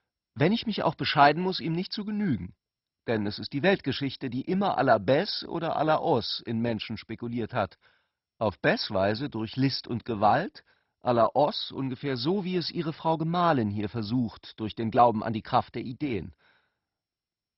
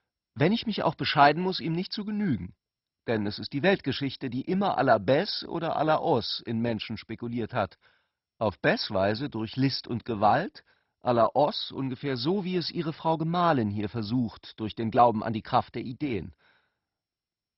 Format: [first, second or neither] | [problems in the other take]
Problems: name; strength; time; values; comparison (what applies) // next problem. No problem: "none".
neither | garbled, watery; badly; nothing above 5.5 kHz; the same in both